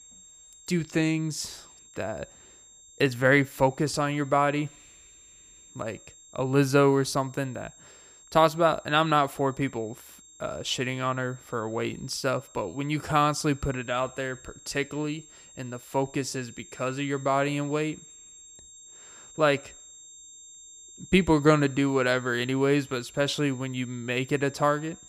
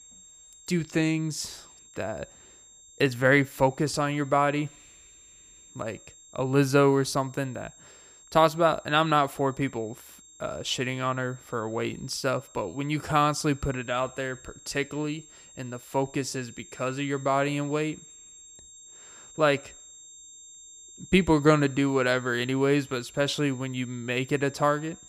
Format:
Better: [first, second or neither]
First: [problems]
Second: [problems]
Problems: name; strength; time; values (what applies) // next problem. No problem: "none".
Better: neither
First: high-pitched whine; faint; throughout; 7.5 kHz, 20 dB below the speech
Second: high-pitched whine; faint; throughout; 7.5 kHz, 20 dB below the speech